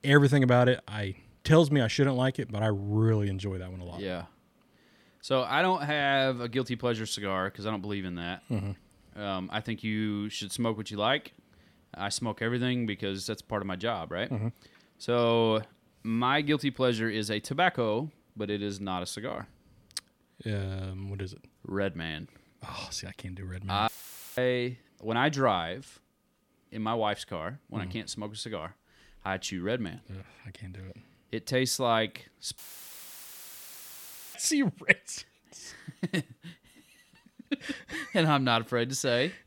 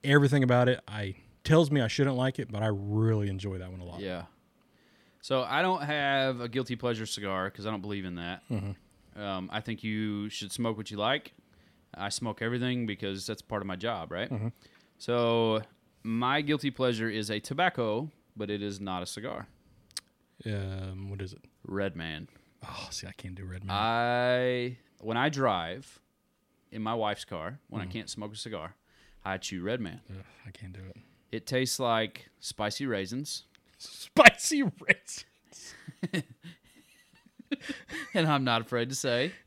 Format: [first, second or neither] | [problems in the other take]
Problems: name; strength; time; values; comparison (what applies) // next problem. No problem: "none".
second | audio cutting out; filled with static; at 24 s and at 33 s for 2 s